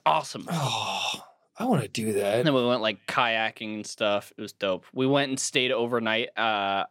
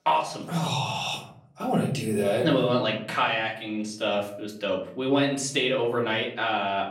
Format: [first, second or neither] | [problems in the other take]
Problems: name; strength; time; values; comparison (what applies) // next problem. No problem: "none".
first | off-mic speech; far // room echo; slight; dies away in 0.6 s